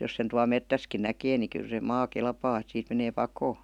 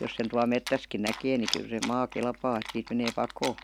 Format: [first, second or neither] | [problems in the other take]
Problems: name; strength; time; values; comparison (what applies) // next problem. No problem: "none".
first | background sound (Chewing, mastication); 10 dB below the speech